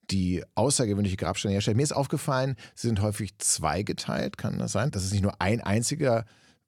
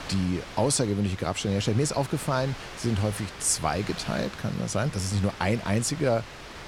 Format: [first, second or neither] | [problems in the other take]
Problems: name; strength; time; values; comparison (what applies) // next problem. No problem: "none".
first | wind noise on the microphone; occasional gusts; 10 dB below the speech